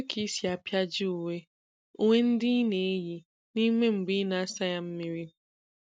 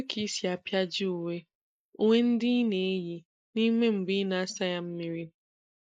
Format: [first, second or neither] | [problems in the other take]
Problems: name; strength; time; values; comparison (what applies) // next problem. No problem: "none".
first | noise reduction (neural mask model Resemble Enhance denoiser)